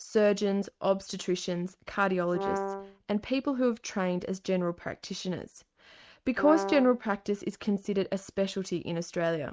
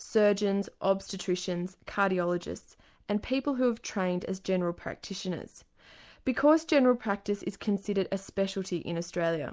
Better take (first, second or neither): second